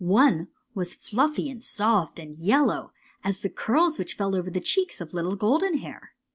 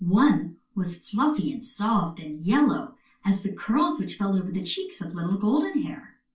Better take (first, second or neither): first